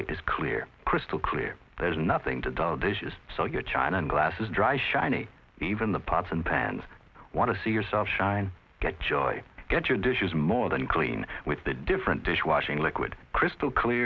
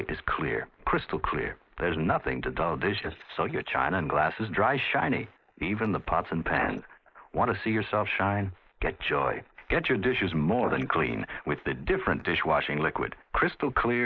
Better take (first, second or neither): first